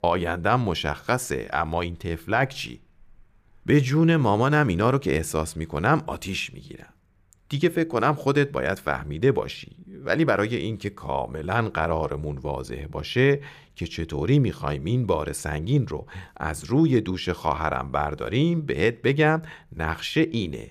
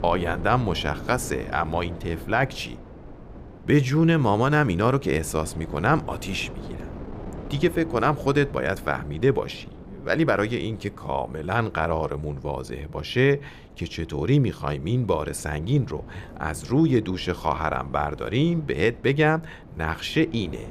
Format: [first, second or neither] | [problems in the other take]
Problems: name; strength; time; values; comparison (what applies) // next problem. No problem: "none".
first | wind noise on the microphone; occasional gusts; 20 dB below the speech